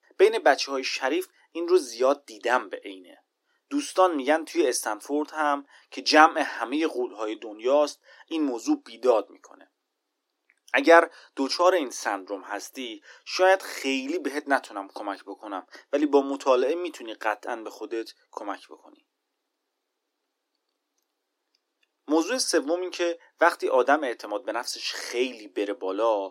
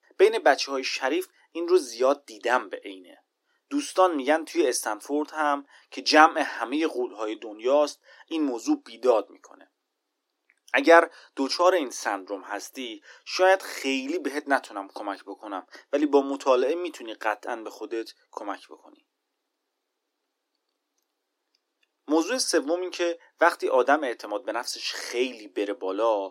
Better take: neither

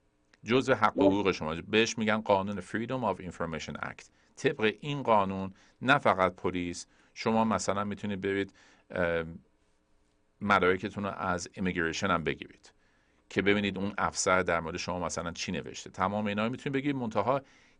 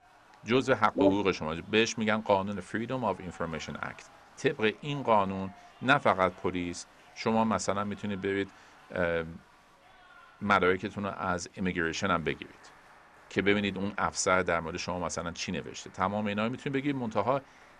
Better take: first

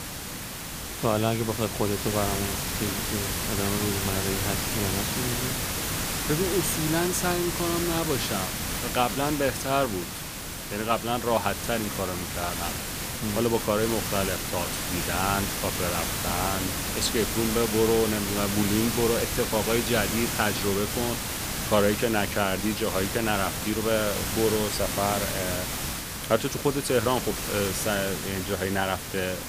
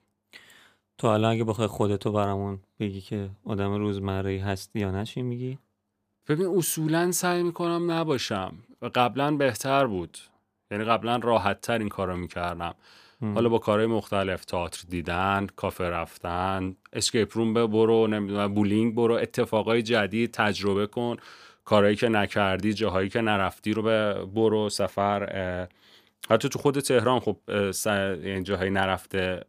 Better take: second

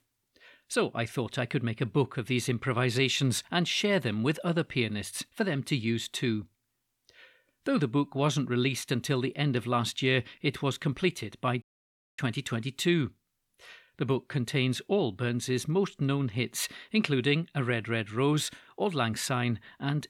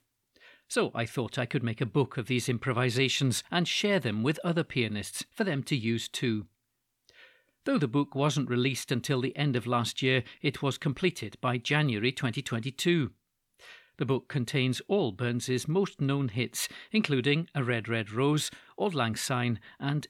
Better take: second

